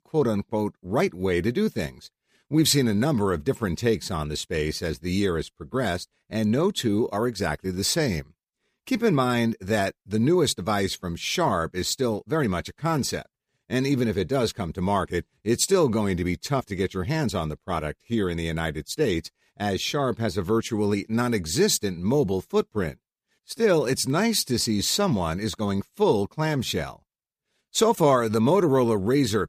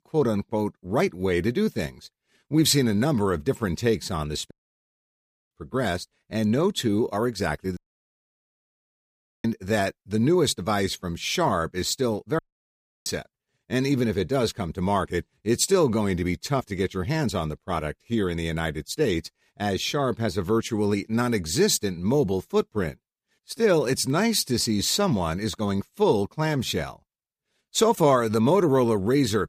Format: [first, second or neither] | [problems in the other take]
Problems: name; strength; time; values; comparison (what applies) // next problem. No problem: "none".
first | audio cutting out; at 4.5 s for 1 s, at 8 s for 1.5 s and at 12 s for 0.5 s